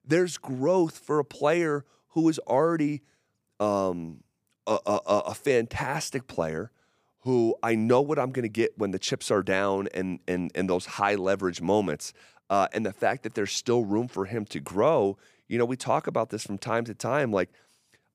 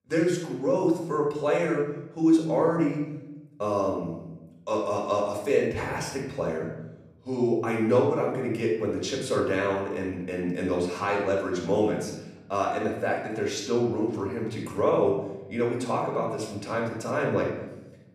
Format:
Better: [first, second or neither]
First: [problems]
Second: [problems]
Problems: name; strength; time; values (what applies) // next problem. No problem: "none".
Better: first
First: none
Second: off-mic speech; far // room echo; noticeable; dies away in 0.9 s